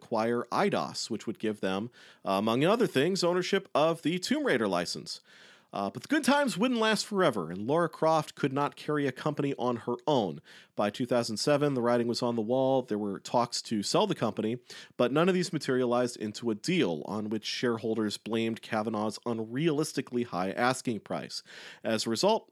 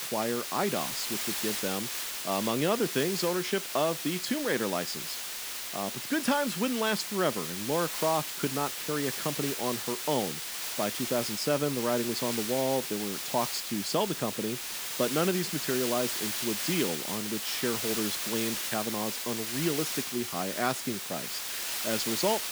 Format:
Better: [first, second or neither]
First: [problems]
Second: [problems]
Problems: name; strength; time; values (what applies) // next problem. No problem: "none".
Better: first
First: none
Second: hiss; loud; throughout; 1 dB below the speech